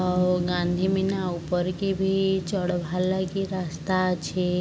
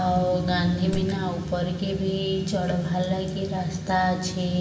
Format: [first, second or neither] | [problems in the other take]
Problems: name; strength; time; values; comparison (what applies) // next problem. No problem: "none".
first | background sound (Wood); 13 dB below the speech // room echo; dies away in 1.4 s